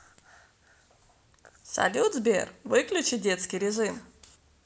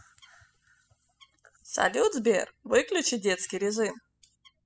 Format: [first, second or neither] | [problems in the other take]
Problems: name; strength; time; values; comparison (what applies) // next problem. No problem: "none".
first | noise reduction (classical method spectral subtraction)